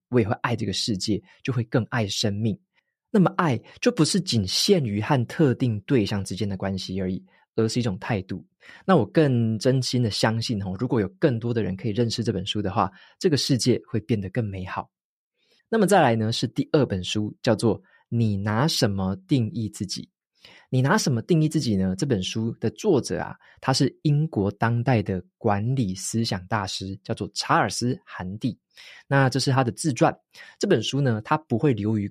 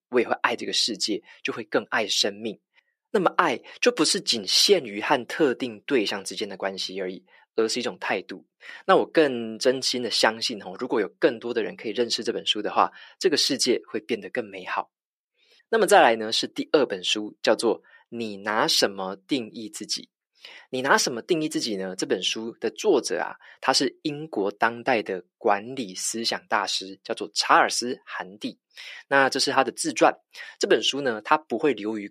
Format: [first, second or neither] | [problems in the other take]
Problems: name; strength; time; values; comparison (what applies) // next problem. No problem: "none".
first | thin; somewhat; fading below 350 Hz